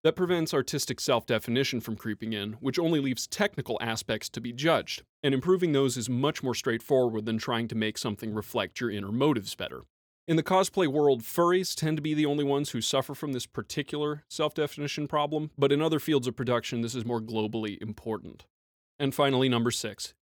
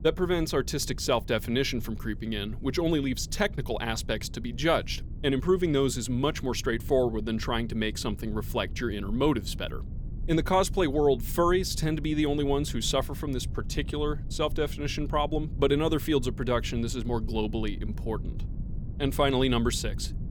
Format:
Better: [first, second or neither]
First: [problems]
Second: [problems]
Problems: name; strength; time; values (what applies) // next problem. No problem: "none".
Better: first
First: none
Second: low rumble; faint; throughout; 20 dB below the speech